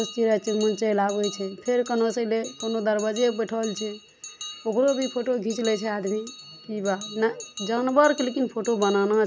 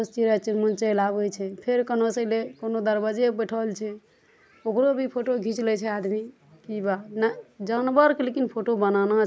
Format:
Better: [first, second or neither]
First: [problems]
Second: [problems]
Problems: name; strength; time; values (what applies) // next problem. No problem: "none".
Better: second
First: background sound (Bell); 16 dB below the speech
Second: none